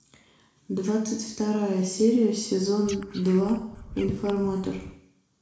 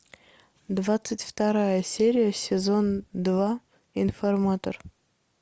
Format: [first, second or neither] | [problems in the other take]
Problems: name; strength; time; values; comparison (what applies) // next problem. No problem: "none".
second | background sound (Frog); 18 dB below the speech // room echo; dies away in 0.6 s